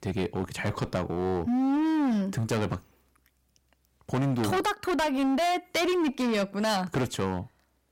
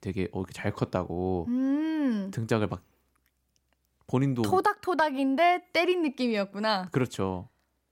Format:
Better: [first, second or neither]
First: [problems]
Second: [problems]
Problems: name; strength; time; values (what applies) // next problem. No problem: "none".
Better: second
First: distortion; heavy; 21% of the sound clipped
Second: none